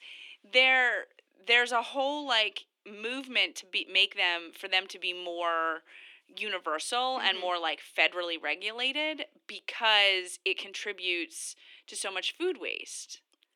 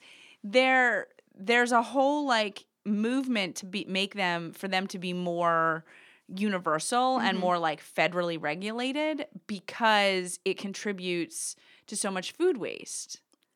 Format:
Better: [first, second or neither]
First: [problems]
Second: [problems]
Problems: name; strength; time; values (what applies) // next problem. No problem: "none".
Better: second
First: thin; somewhat; fading below 300 Hz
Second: none